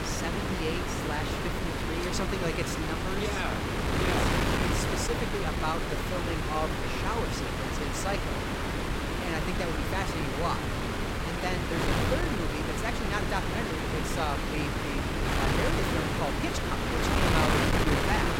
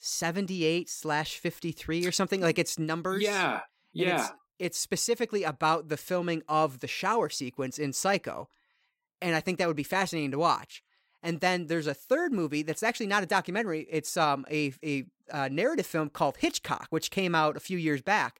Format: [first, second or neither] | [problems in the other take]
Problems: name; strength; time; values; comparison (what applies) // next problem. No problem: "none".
second | wind noise on the microphone; heavy; 4 dB above the speech